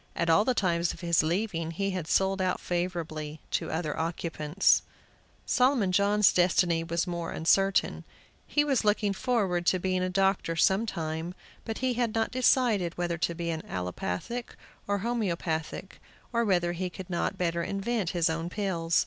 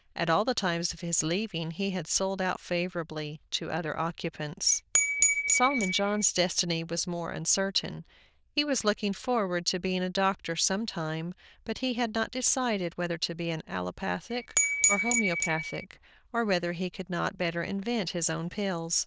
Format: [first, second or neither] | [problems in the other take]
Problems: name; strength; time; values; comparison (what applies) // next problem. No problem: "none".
first | noise reduction (neural diffusion model UNIVERSE++)